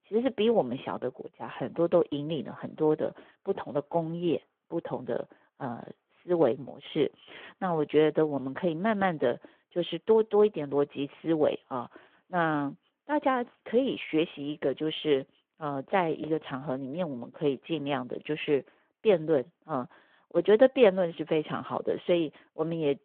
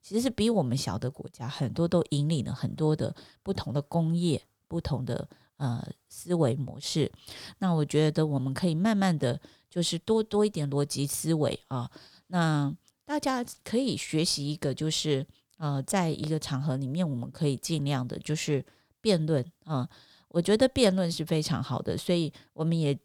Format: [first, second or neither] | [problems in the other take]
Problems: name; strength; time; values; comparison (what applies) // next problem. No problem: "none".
second | phone-call audio